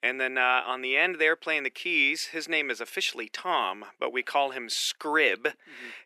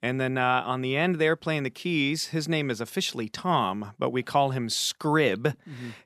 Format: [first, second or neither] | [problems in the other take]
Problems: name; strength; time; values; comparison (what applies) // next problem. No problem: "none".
second | thin; very; fading below 350 Hz